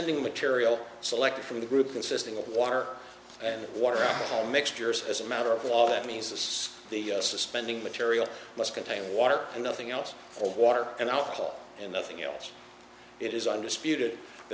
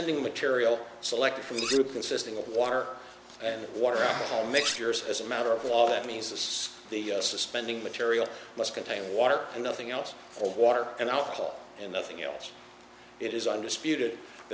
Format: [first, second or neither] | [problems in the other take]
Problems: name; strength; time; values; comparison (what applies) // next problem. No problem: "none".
first | background sound (Cutlery, silverware); 9 dB below the speech